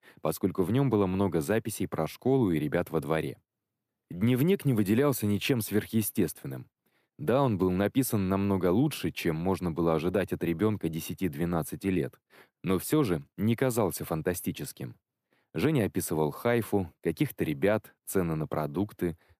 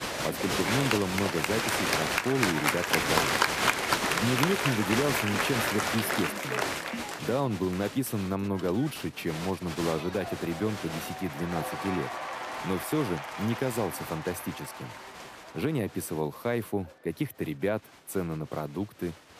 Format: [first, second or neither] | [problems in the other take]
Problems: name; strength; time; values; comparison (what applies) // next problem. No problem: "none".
first | crowd noise; very loud; throughout; 2 dB above the speech